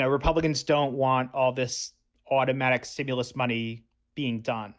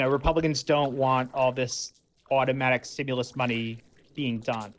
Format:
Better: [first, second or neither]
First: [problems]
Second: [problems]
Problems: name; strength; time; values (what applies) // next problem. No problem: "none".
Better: first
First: none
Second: noise reduction (neural separator model SepFormer DNS4)